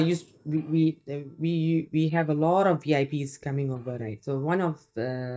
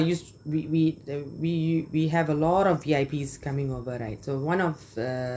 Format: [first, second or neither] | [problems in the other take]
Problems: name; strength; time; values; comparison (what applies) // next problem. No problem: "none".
second | noise reduction (neural mask model DeepFilterNet 3)